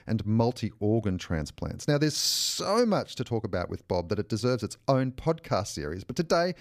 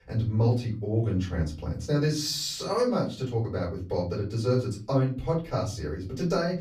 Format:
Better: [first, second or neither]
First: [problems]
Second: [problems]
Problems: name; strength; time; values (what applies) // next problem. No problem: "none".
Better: first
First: none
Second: off-mic speech; far // room echo; slight; dies away in 0.4 s